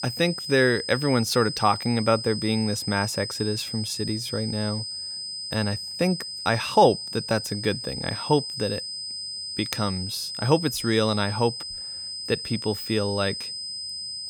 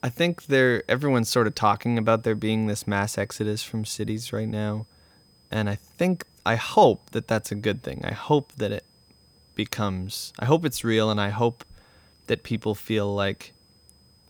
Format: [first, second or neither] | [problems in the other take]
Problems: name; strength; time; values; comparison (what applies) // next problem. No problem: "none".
second | high-pitched whine; loud; throughout; 5 kHz, 6 dB below the speech; faint in the second